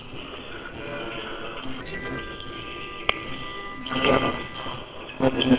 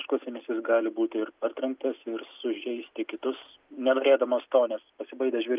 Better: second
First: noise reduction (neural separator model SepFormer WHAMR!)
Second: none

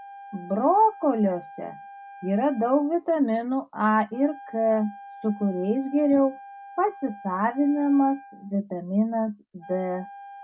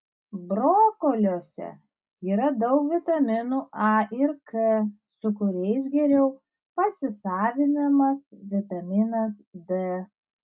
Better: second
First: background sound (Wind instrument, woodwind instrument); 19 dB below the speech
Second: none

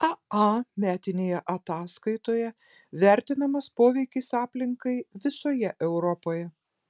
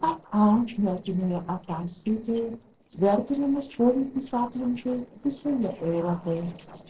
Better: first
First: none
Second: noise reduction (neural separator model SepFormer DNS4)

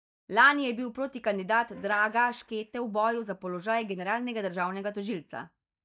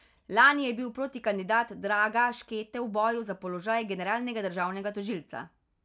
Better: second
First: noise reduction (neural mask model DeepFilterNet 3)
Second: none

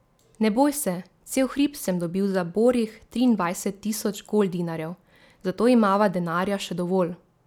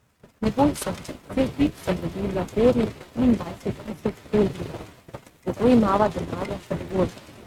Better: first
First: none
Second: noise reduction (neural mask model RNNoise)

